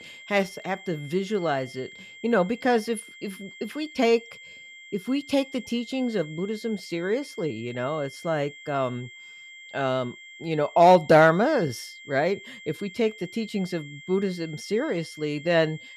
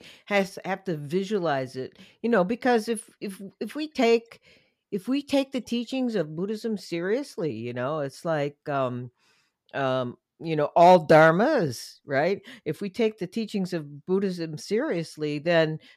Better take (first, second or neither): second